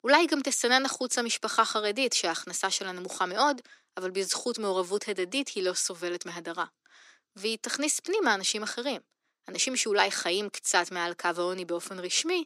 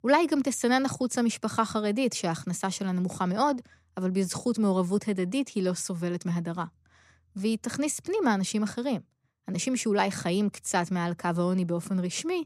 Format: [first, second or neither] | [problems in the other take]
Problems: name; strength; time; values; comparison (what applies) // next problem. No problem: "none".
second | thin; somewhat; fading below 300 Hz